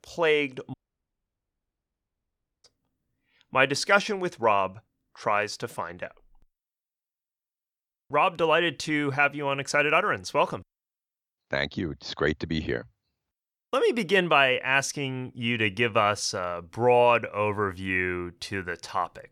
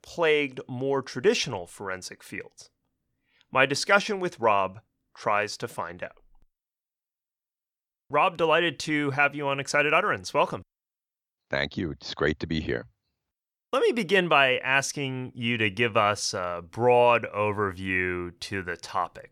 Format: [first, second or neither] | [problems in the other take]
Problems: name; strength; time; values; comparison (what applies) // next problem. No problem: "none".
second | audio cutting out; at 0.5 s for 2 s